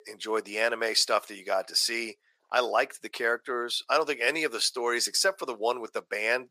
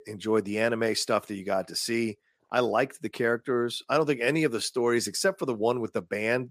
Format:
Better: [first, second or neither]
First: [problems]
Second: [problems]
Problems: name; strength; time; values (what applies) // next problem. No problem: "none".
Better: second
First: thin; very; fading below 600 Hz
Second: none